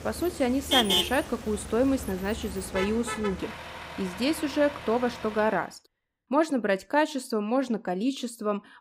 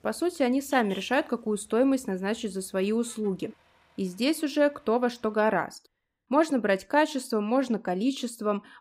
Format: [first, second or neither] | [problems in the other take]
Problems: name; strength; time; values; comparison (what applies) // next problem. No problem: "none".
second | traffic noise; loud; until 5.5 s; 4 dB below the speech; faint in the second